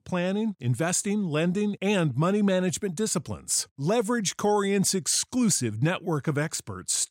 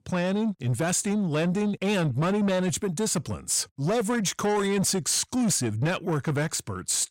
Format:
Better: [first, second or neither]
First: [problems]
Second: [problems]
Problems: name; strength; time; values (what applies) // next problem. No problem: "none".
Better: first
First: none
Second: distortion; slight; 10 dB below the speech